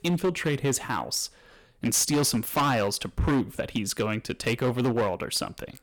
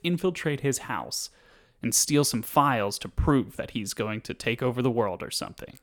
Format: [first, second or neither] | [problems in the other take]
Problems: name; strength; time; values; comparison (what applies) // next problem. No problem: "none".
second | distortion; heavy; 10% of the sound clipped